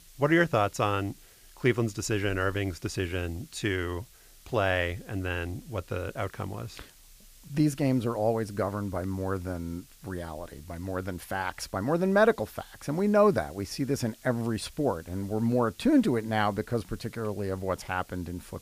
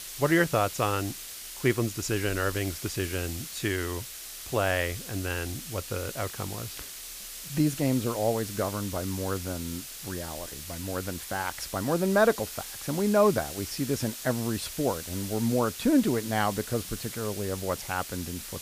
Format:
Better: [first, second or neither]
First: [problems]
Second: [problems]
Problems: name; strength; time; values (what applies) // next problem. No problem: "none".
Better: first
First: hiss; faint; throughout; 25 dB below the speech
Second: hiss; loud; throughout; 8 dB below the speech